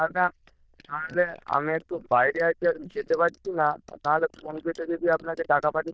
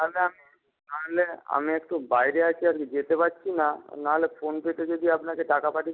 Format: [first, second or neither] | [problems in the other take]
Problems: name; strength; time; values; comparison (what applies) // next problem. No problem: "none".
second | noise reduction (neural diffusion model UNIVERSE++)